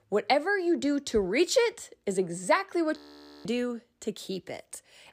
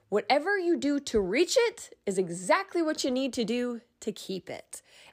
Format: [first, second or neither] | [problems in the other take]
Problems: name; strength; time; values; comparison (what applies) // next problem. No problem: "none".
second | audio freezing; at 3 s